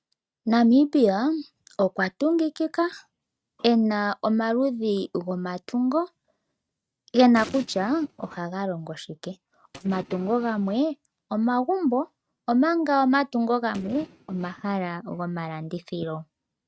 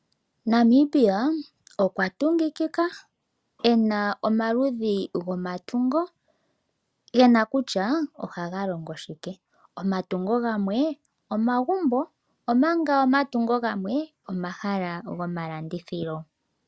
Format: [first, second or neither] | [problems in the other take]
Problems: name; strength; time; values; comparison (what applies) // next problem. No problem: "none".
second | noise reduction (neural mask model RNNoise)